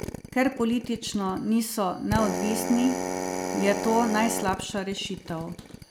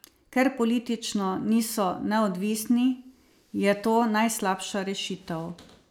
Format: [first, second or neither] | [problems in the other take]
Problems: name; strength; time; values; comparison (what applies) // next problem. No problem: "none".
second | background sound (Drill); 6 dB below the speech